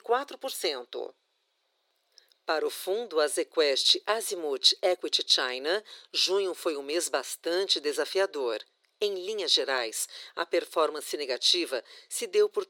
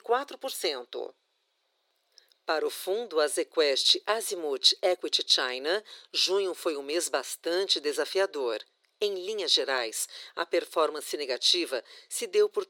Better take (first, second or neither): neither